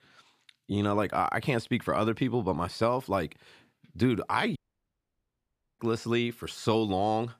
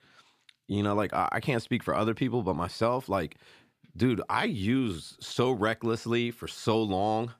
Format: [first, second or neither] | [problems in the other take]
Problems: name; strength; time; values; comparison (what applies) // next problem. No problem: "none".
second | audio cutting out; at 4.5 s for 1 s